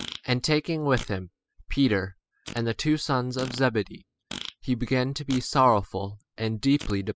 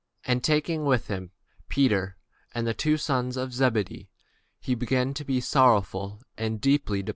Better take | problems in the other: second | noise reduction (classical method spectral subtraction)

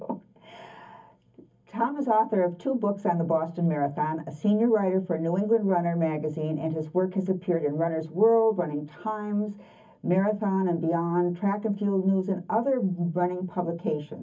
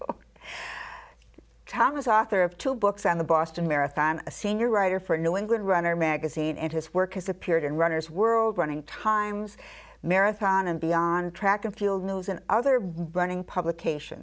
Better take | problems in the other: second | room echo; dies away in 0.3 s

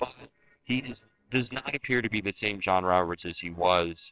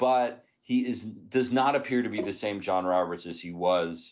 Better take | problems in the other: second | noise reduction (neural separator model SepFormer WHAMR!)

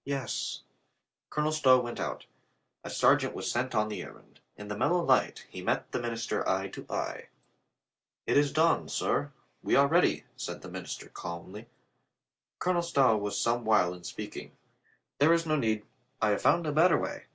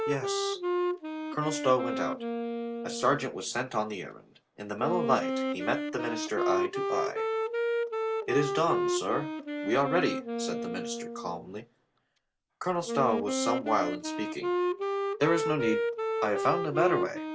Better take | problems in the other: first | background sound (Wind instrument, woodwind instrument); 1 dB below the speech

